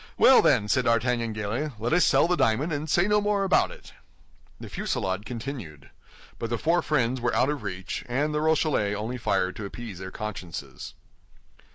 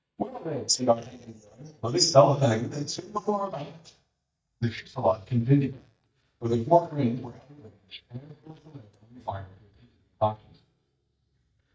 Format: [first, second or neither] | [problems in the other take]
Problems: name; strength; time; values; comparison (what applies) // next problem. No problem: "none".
first | noise reduction (neural mask model DeepFilterNet 3)